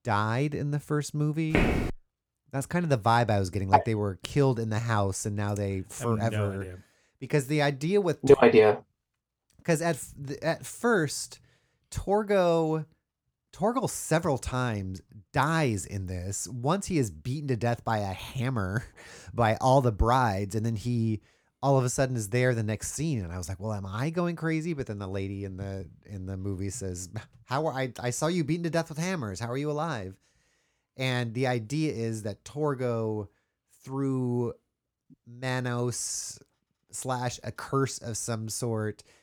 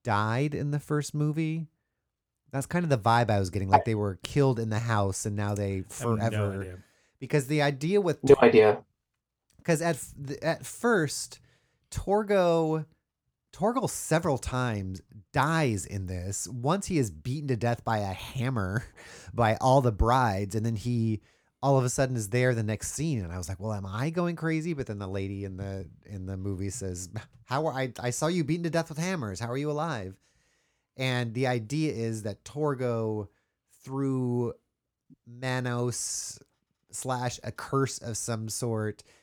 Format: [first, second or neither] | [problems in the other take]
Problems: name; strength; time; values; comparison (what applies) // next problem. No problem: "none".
second | footsteps; loud; at 1.5 s; peak 2 dB above the speech